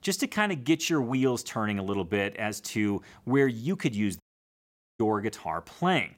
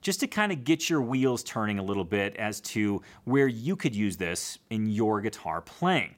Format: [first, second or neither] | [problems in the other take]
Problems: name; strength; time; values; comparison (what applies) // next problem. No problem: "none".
second | audio cutting out; at 4 s for 1 s